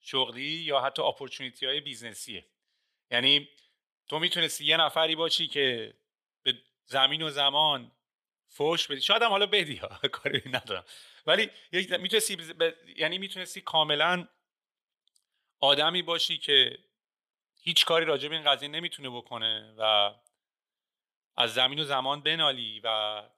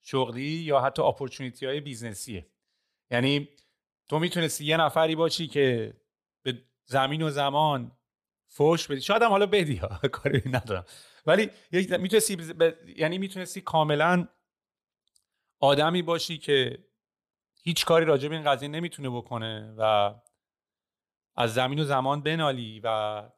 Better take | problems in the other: second | thin; very slightly; fading below 850 Hz

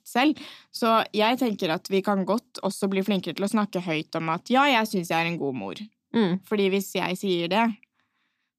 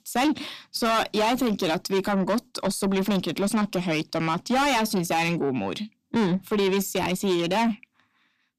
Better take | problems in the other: first | distortion; heavy; 7 dB below the speech

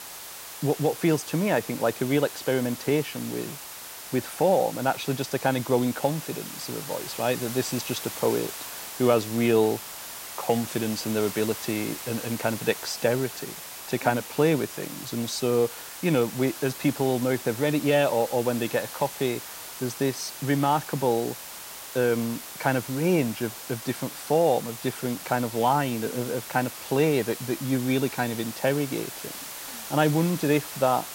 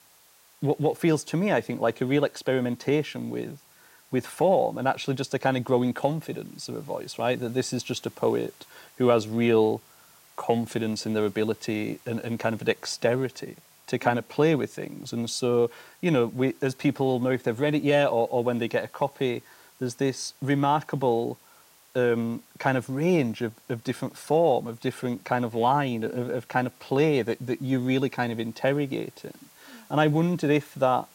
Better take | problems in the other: second | hiss; loud; throughout; 10 dB below the speech; faint in the second

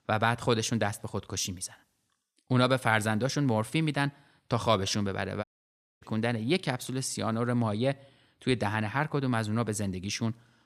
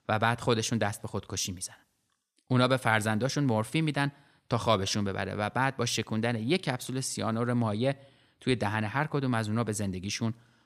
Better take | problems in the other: second | audio cutting out; at 5.5 s for 0.5 s

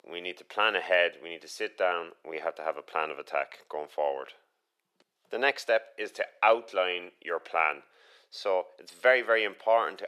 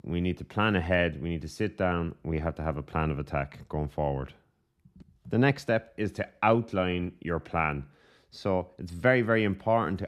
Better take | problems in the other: second | thin; very; fading below 500 Hz

